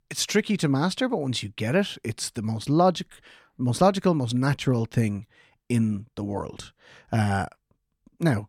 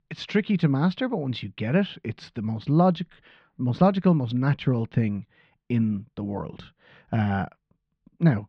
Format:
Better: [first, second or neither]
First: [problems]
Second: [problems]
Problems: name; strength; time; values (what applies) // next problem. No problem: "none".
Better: first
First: none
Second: muffled; slightly; fading above 3.5 kHz